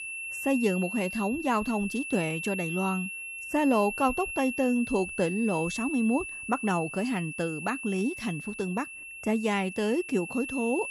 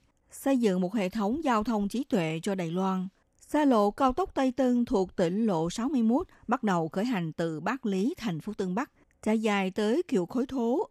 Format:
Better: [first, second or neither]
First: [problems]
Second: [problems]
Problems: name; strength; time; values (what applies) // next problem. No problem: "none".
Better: second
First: high-pitched whine; loud; throughout; 2.5 kHz, 7 dB below the speech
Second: none